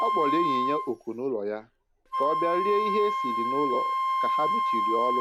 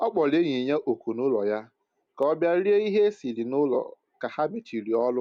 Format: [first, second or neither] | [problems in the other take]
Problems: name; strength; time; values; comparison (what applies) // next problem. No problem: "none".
second | background sound (Wind instrument, woodwind instrument); 3 dB above the speech